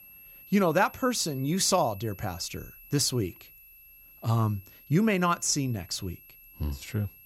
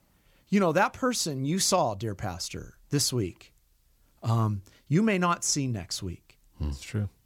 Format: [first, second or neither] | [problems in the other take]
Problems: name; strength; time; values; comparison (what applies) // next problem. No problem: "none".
second | high-pitched whine; faint; throughout; 11.5 kHz, 20 dB below the speech